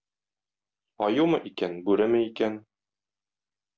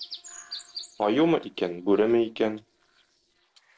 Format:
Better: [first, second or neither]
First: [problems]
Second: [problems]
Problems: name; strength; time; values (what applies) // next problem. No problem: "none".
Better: first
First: none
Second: noise reduction (neural separator model SepFormer DNS4)